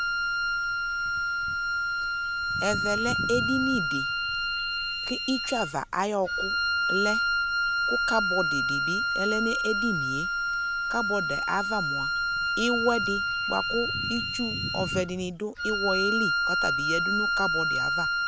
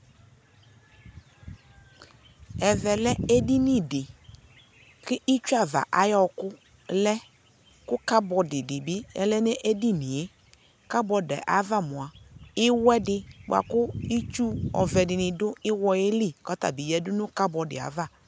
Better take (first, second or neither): second